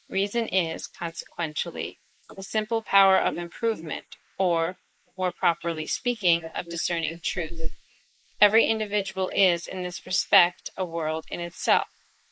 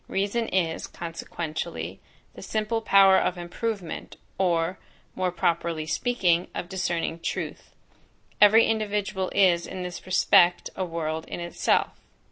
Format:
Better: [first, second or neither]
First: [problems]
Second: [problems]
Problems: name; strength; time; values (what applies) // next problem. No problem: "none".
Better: second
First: noise reduction (neural mask model Resemble Enhance denoiser)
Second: none